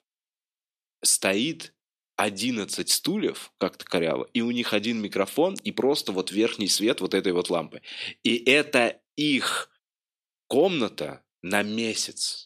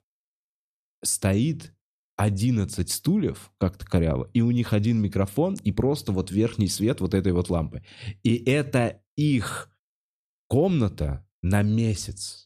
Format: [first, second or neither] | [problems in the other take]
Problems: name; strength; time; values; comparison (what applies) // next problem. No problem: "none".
second | thin; somewhat; fading below 300 Hz